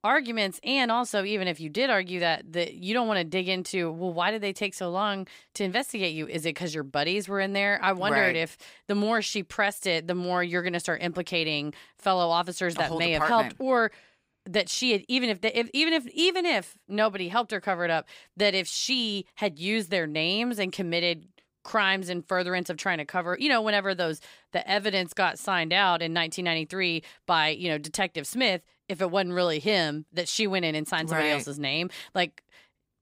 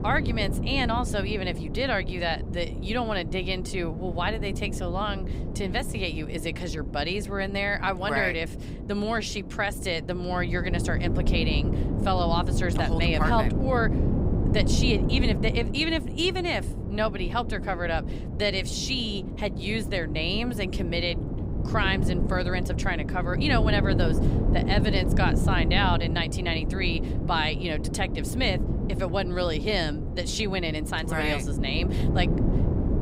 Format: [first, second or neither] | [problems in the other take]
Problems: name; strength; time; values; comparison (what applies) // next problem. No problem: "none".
first | wind noise on the microphone; heavy; 9 dB below the speech